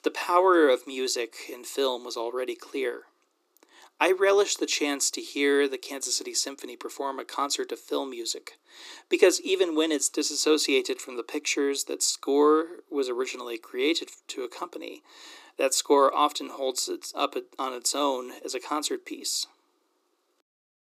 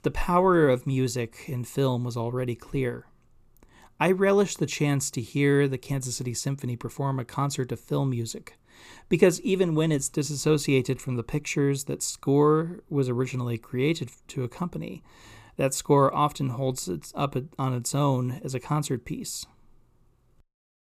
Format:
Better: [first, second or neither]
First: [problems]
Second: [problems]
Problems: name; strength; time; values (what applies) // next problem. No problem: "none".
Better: second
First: thin; somewhat; fading below 300 Hz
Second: none